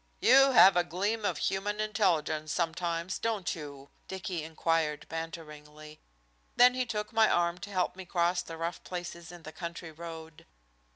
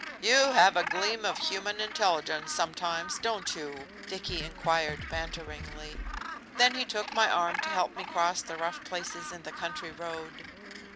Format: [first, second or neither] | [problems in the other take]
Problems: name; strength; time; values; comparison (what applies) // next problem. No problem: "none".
first | background sound (Gull, seagull + Drum kit); 9 dB below the speech